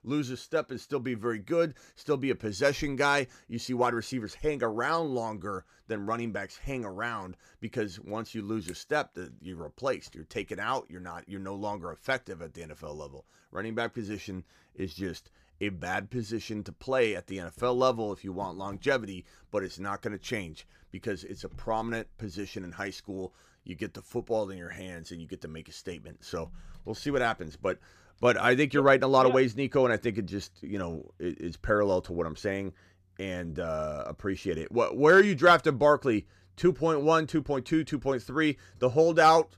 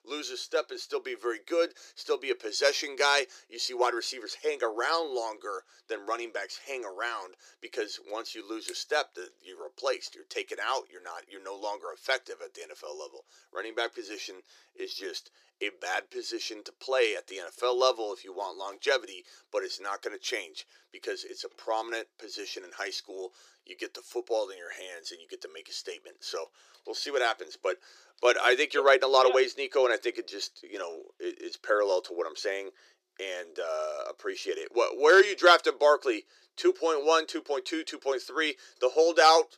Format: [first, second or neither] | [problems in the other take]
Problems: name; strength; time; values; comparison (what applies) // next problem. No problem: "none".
first | thin; very; fading below 350 Hz